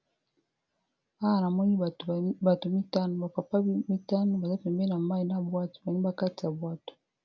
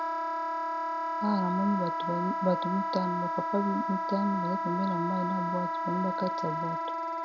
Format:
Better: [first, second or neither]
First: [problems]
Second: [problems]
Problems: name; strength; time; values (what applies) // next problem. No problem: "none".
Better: first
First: none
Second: background sound (Wind instrument, woodwind instrument); 1 dB above the speech